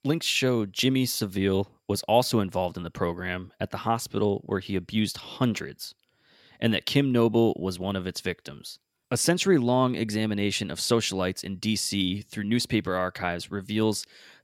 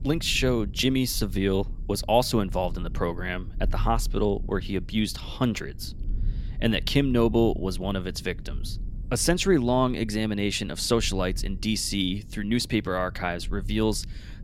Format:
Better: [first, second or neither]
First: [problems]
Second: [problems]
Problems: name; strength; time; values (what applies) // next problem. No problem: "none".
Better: first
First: none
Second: low rumble; faint; throughout; 25 dB below the speech